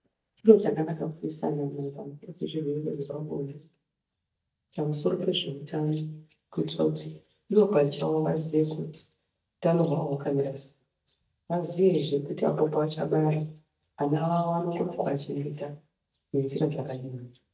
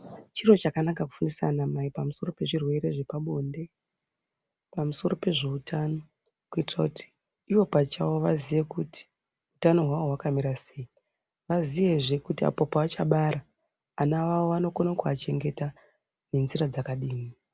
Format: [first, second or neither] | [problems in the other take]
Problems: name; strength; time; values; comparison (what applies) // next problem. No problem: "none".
second | noise reduction (neural mask model DeepFilterNet 3)